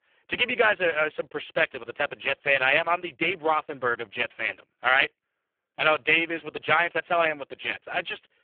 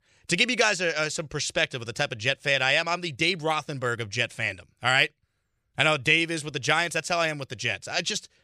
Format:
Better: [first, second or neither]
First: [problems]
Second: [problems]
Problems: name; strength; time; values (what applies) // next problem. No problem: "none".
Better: second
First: phone-call audio; poor line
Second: none